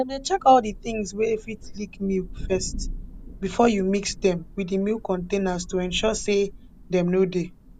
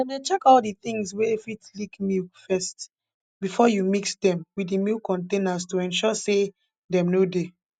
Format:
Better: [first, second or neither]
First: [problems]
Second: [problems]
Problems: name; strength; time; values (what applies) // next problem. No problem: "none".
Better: second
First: background sound (Thunder); 13 dB below the speech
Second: none